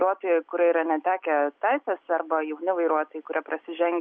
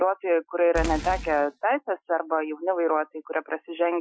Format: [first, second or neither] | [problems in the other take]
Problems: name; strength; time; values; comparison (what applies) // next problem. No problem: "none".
first | noise reduction (classical method Wiener filter)